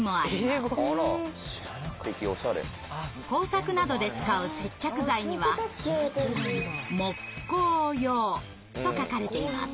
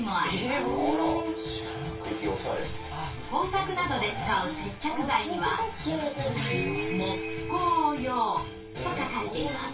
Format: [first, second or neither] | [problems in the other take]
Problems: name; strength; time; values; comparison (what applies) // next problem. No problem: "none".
first | background sound (Guitar); 9 dB below the speech // room echo; dies away in 0.2 s